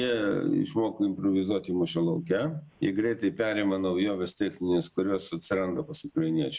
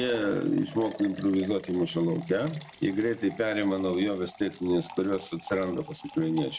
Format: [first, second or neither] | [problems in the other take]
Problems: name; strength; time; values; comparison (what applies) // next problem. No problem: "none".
first | background sound (Liquid); 19 dB below the speech